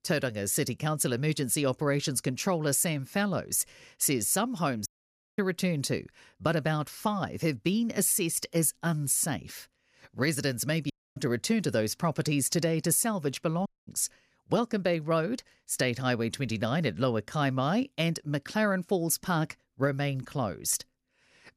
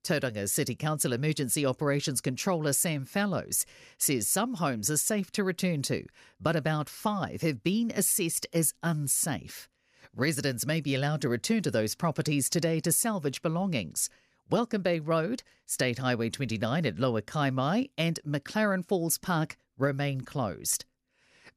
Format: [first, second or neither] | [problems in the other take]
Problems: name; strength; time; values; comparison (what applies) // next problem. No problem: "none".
second | audio cutting out; at 5 s for 0.5 s, at 11 s and at 14 s